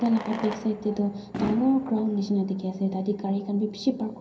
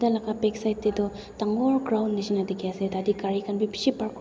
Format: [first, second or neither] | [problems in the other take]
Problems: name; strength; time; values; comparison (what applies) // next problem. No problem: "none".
second | background sound (Fireworks); 13 dB below the speech // room echo; dies away in 0.3 s